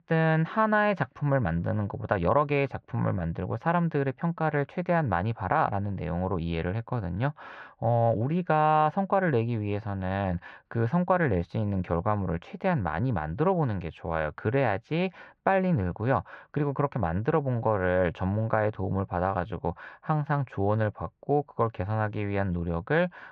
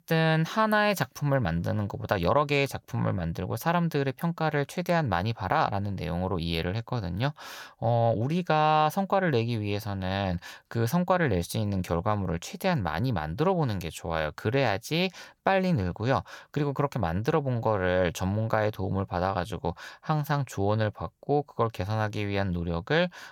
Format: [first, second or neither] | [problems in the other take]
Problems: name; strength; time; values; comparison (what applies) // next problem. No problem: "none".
second | muffled; very; fading above 2 kHz